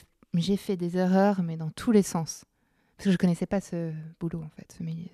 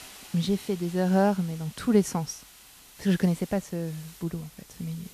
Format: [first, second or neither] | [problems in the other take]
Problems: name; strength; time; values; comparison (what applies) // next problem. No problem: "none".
first | hiss; noticeable; throughout; 20 dB below the speech